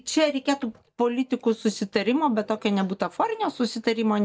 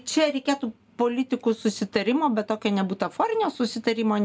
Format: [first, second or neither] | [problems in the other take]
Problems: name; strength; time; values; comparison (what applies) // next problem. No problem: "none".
second | noise reduction (neural mask model DeepFilterNet 3)